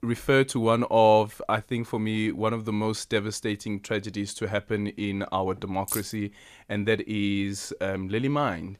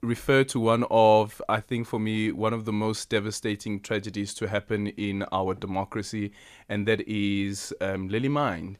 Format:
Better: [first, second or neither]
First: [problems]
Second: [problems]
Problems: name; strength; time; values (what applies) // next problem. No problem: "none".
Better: second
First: jangling keys; noticeable; at 6 s; peak 5 dB below the speech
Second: none